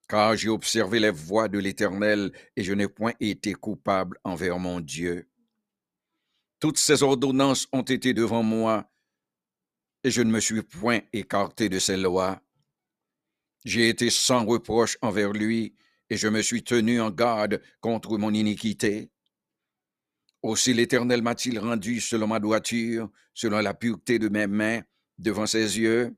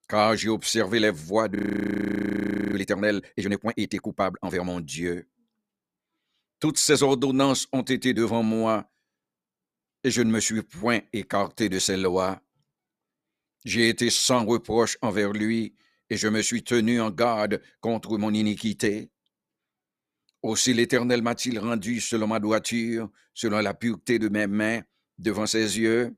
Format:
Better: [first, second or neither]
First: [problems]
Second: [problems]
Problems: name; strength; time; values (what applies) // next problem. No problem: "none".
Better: first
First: none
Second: audio freezing; at 1.5 s for 1 s